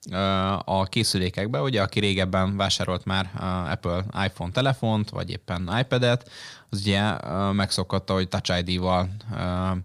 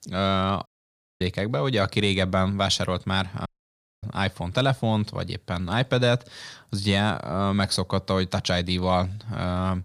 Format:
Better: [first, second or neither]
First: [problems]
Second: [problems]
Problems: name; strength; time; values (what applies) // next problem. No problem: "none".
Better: first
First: none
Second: audio cutting out; at 0.5 s for 0.5 s and at 3.5 s for 0.5 s